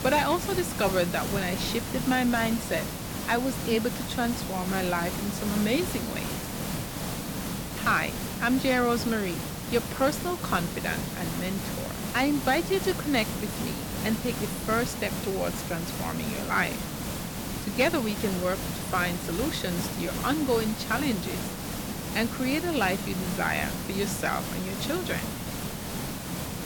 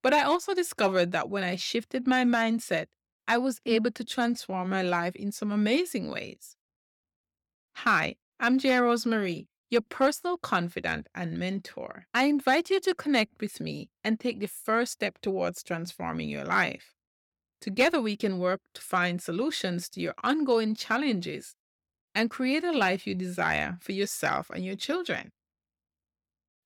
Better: second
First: hiss; loud; throughout; 4 dB below the speech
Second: none

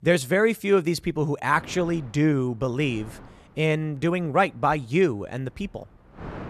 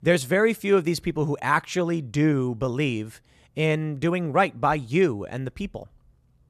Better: second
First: wind noise on the microphone; occasional gusts; from 1.5 s on; 25 dB below the speech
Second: none

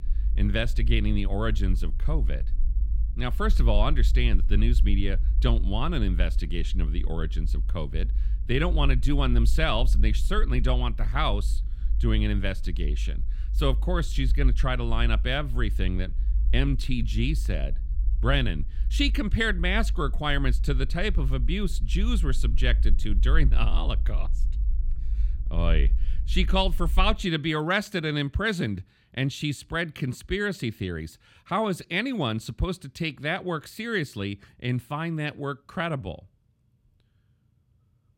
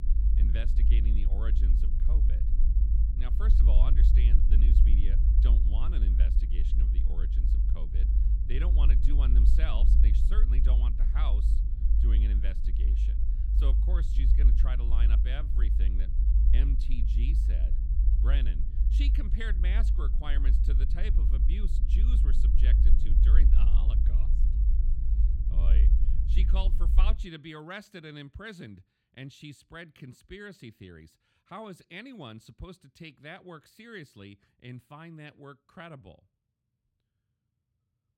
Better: first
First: low rumble; faint; until 27 s; 20 dB below the speech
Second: low rumble; loud; until 27 s; 3 dB below the speech

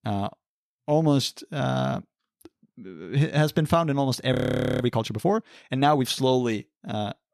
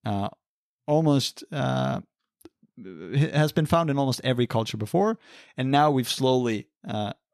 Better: second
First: audio freezing; at 4.5 s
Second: none

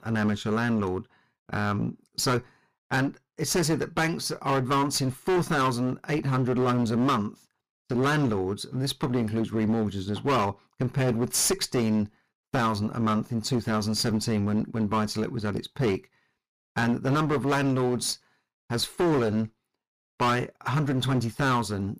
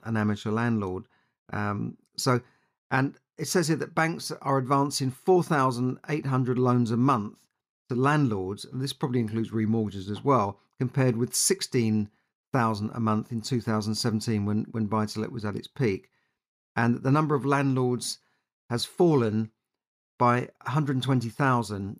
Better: second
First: distortion; heavy; 15% of the sound clipped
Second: none

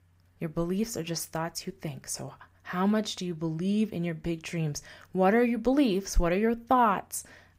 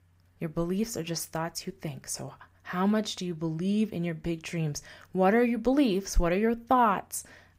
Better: neither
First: none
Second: none

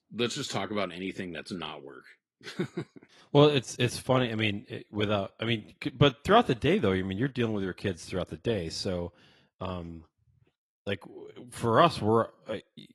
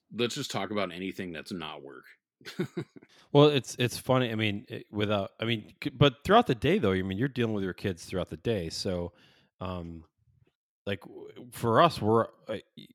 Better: second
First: garbled, watery; slightly; nothing above 11.5 kHz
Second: none

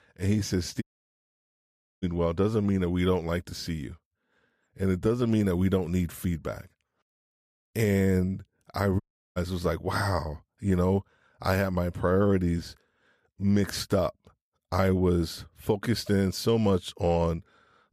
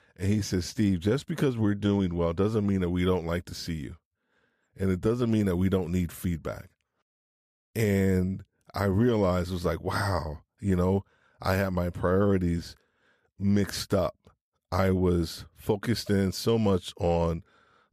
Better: second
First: audio cutting out; at 1 s for 1 s and at 9 s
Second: none

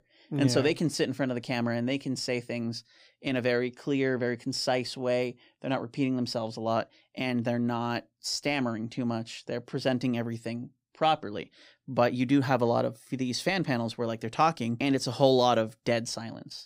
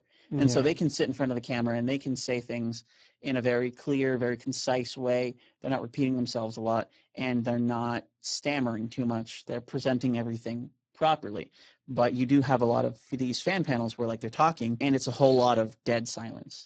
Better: first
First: none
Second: garbled, watery; badly; nothing above 7.5 kHz

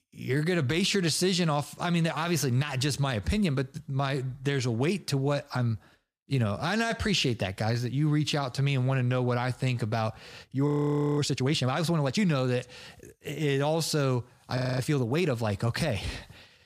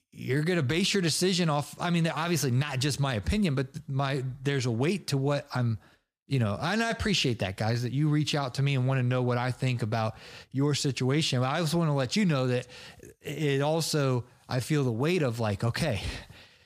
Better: second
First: audio freezing; at 11 s for 0.5 s and at 15 s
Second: none

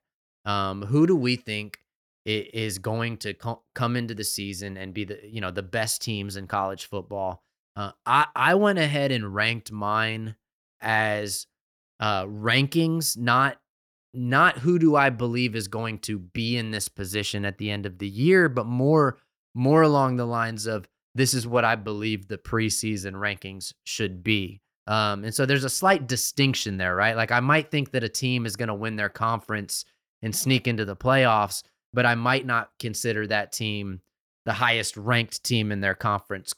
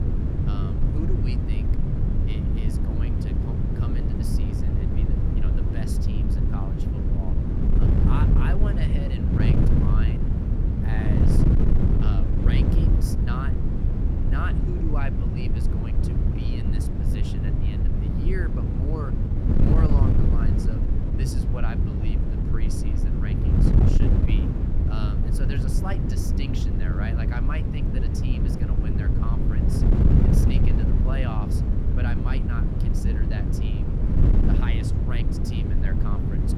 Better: first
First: none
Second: wind noise on the microphone; heavy; 4 dB above the speech

